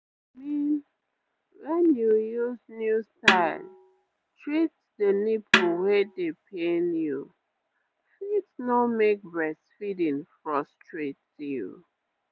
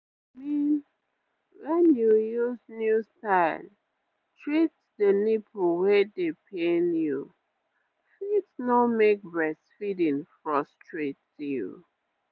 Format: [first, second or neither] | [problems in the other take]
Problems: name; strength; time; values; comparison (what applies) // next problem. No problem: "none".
second | background sound (Snare drum); 1 dB below the speech